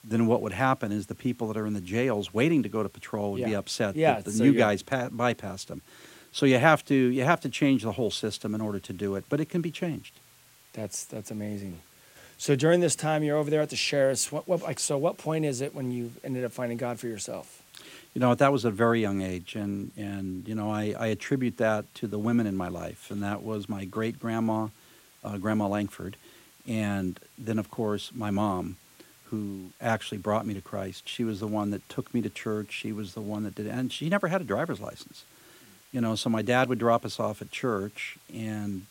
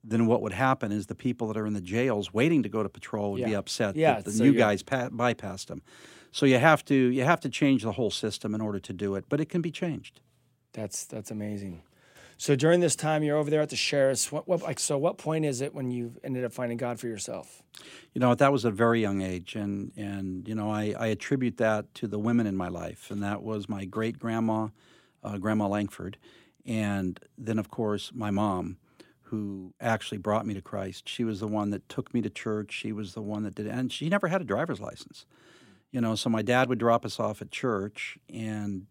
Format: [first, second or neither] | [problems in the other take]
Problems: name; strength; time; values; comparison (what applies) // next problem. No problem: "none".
second | hiss; faint; throughout; 25 dB below the speech